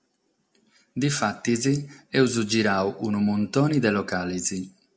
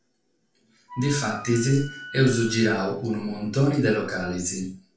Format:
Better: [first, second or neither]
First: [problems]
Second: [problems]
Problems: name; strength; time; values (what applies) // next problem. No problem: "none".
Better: first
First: none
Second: background sound (Wind instrument, woodwind instrument); 16 dB below the speech // room echo; dies away in 0.3 s